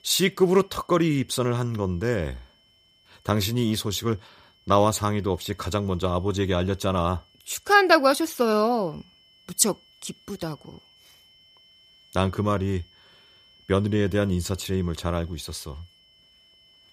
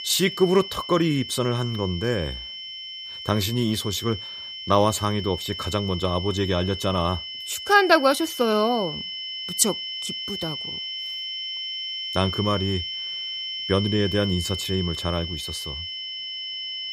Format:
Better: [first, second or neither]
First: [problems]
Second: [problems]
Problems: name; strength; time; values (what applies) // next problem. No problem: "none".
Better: first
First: high-pitched whine; faint; throughout; 3 kHz, 30 dB below the speech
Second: high-pitched whine; loud; throughout; 3 kHz, 7 dB below the speech